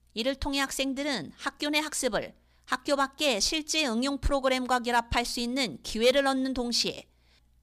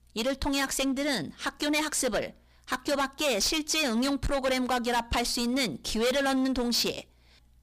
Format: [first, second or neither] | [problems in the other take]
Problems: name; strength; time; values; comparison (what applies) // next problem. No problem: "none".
first | distortion; heavy; 15% of the sound clipped